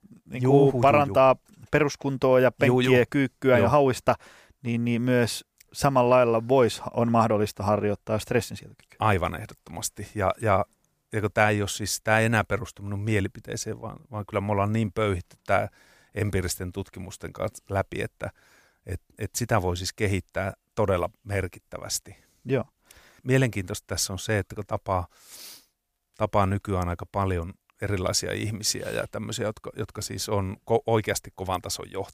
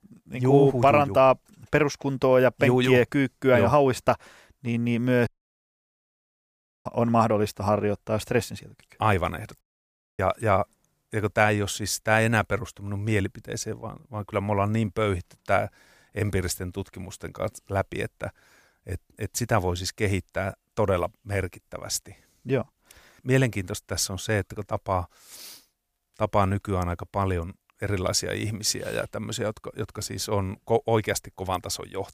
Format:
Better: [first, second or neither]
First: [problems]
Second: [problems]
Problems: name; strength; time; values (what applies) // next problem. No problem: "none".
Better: first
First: none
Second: audio cutting out; at 5.5 s for 1.5 s and at 9.5 s for 0.5 s